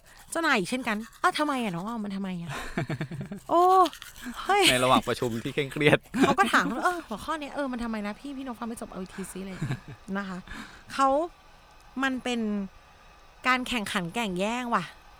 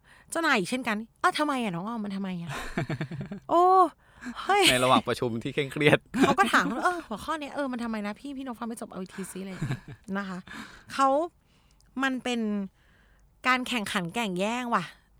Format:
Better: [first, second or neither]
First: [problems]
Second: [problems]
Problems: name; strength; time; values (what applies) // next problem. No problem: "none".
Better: second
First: household noises; faint; throughout; 20 dB below the speech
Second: none